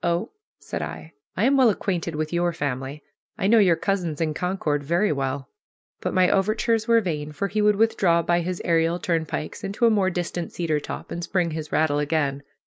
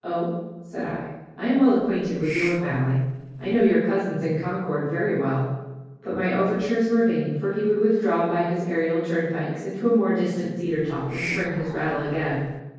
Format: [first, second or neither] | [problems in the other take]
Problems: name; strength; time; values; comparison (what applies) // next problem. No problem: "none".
first | noise reduction (neural separator model SepFormer DNS4)